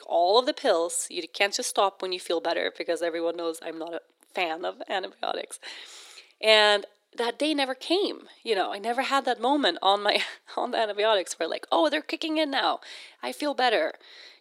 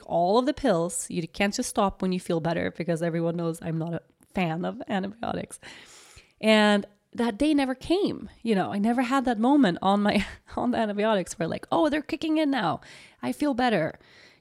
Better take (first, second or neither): second